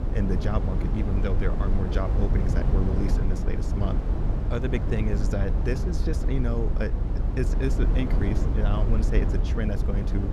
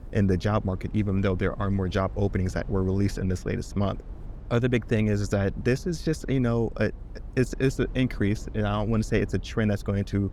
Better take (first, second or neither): second